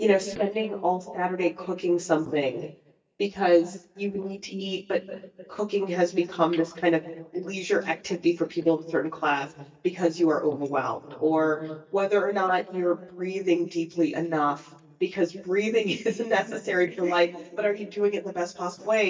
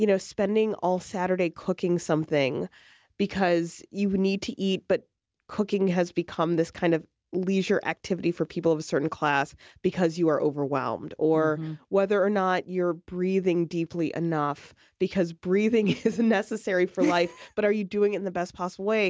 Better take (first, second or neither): second